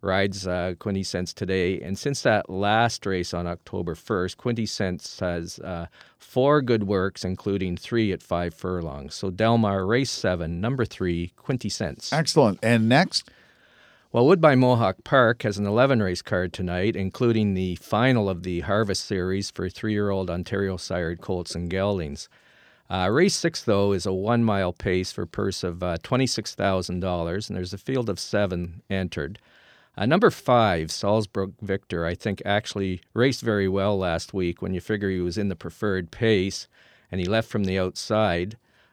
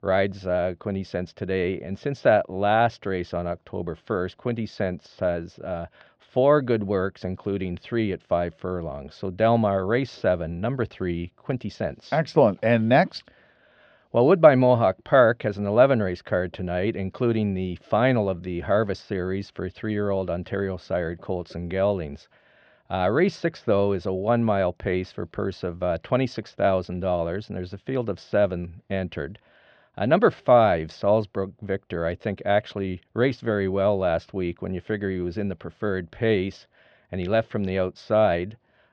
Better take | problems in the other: first | muffled; very; fading above 3 kHz

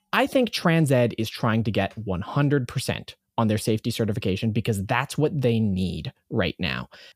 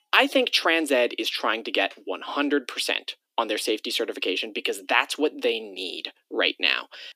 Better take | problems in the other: first | thin; somewhat; fading below 250 Hz

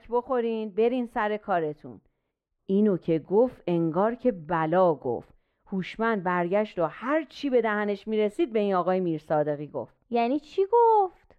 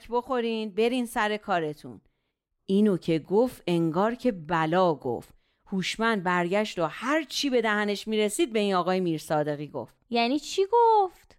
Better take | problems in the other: second | muffled; very; fading above 3.5 kHz

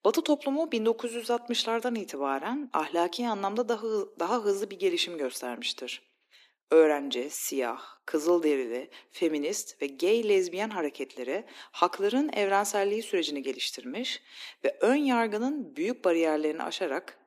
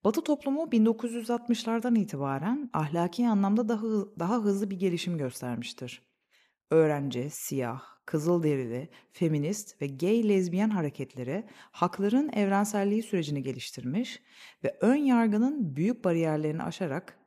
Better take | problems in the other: second | thin; somewhat; fading below 300 Hz

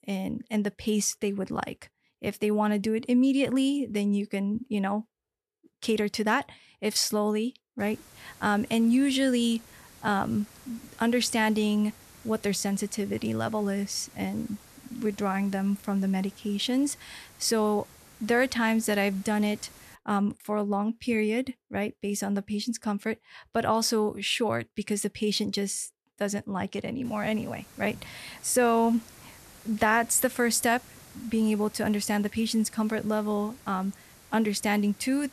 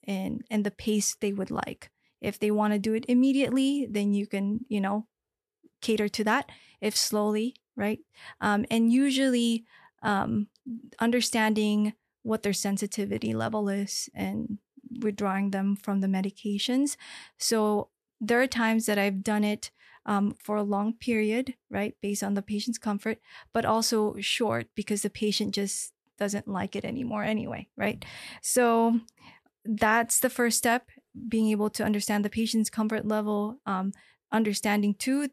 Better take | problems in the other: second | hiss; faint; from 8 to 20 s and from 27 s on; 25 dB below the speech

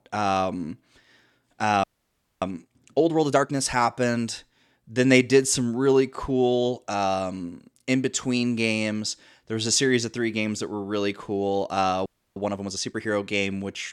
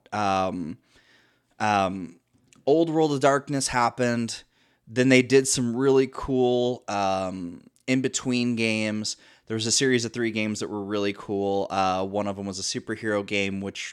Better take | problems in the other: second | audio freezing; at 2 s for 0.5 s and at 12 s

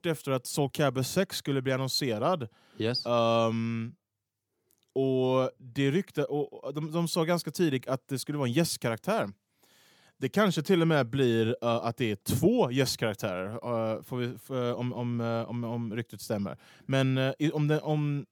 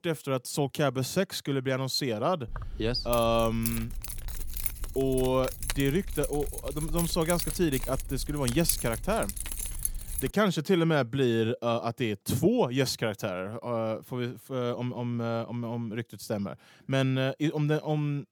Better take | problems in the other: first | jangling keys; loud; from 2.5 to 10 s; peak level with the speech

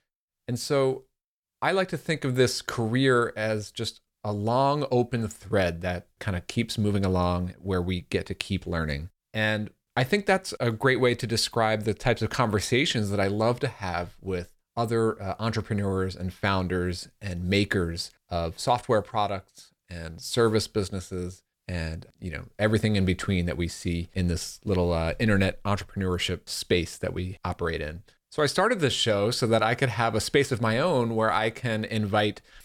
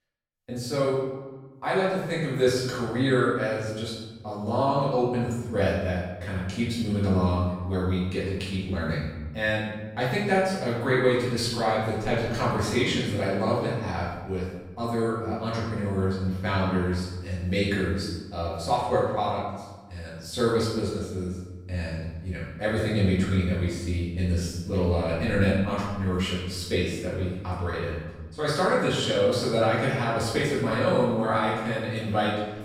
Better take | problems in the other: first | room echo; strong; dies away in 1.1 s // off-mic speech; far

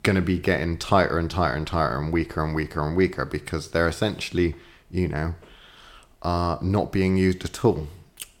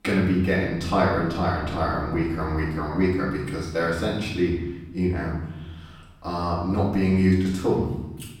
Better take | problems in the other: first | room echo; noticeable; dies away in 1 s // off-mic speech; far

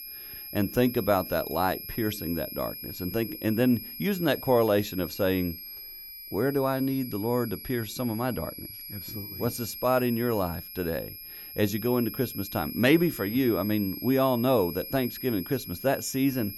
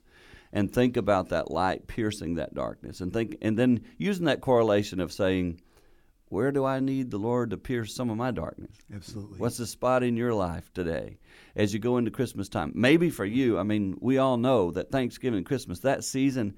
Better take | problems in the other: second | high-pitched whine; noticeable; throughout; 11.5 kHz, 10 dB below the speech

